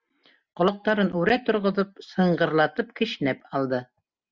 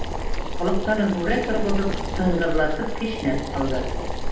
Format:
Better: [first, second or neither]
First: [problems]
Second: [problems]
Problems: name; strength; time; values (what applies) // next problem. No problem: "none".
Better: first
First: none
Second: background sound (Boiling); as loud as the speech // room echo; dies away in 0.8 s